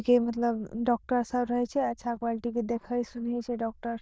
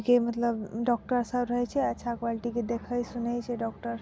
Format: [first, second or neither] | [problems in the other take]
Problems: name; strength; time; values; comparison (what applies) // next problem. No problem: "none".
second | noise reduction (neural diffusion model UNIVERSE++)